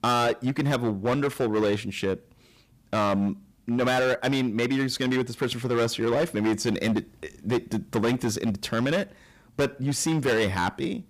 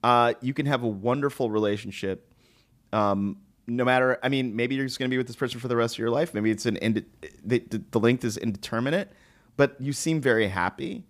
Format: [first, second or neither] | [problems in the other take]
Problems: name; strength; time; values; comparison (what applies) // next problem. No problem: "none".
second | distortion; heavy; 13% of the sound clipped